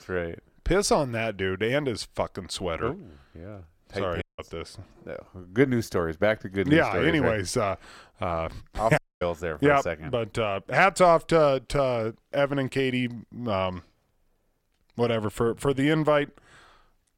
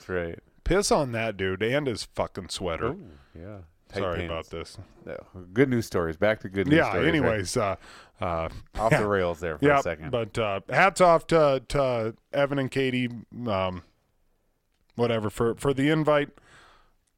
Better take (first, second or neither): second